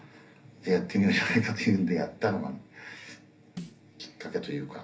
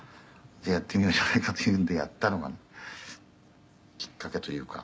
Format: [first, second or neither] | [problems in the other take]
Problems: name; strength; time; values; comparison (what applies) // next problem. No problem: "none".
second | background sound (Snare drum); 17 dB below the speech // room echo; dies away in 0.3 s